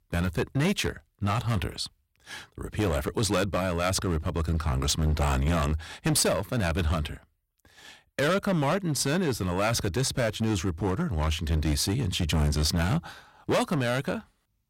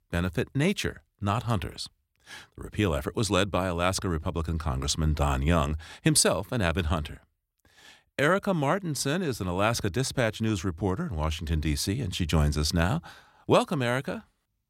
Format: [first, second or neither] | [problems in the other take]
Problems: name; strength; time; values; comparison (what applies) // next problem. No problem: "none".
second | distortion; heavy; 10% of the sound clipped